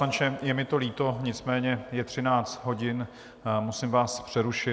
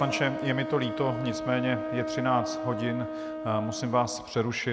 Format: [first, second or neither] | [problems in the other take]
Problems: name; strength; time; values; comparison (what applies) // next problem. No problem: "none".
first | background sound (Wind instrument, woodwind instrument); 6 dB below the speech